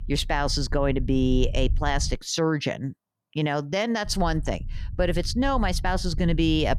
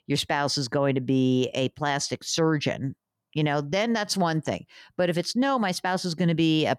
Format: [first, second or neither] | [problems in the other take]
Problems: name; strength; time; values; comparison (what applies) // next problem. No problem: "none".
second | low rumble; faint; until 2 s and from 4 s on; 25 dB below the speech